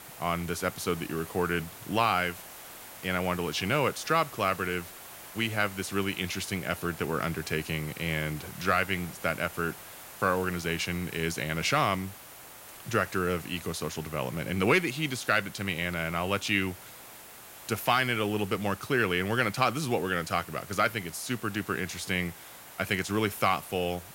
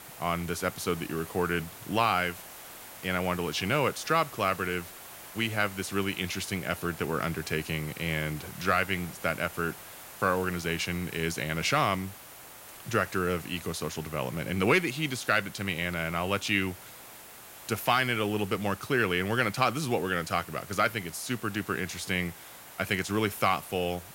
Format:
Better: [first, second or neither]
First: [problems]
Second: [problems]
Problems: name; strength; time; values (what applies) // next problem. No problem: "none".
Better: neither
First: hiss; noticeable; throughout; 15 dB below the speech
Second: hiss; noticeable; throughout; 15 dB below the speech